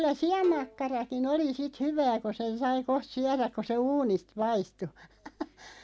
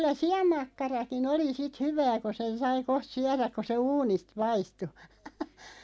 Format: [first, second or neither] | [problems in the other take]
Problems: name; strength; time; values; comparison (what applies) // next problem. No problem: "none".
second | background sound (Bowed string instrument); 19 dB below the speech